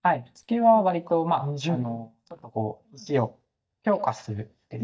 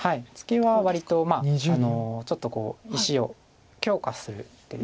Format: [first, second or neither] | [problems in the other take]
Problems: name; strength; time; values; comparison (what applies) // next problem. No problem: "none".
second | noise reduction (neural mask model DeepFilterNet 3)